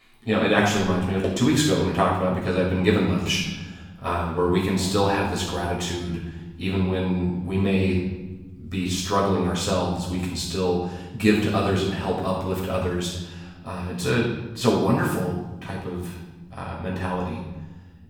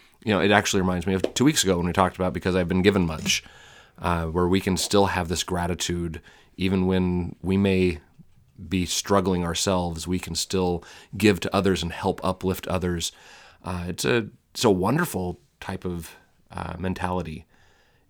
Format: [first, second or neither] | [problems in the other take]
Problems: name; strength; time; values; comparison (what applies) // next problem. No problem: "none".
second | off-mic speech; far // room echo; noticeable; dies away in 1.1 s